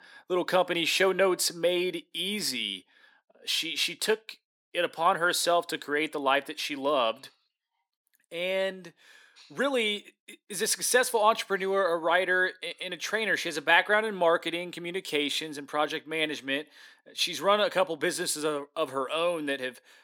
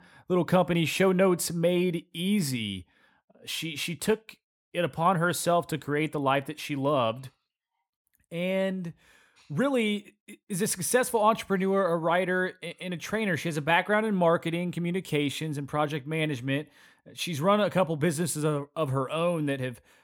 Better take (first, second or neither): second